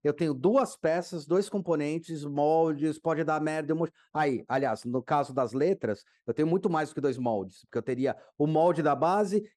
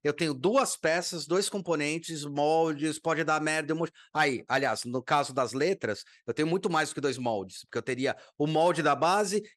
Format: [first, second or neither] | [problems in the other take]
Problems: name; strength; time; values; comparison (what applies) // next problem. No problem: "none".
second | muffled; slightly; fading above 1.5 kHz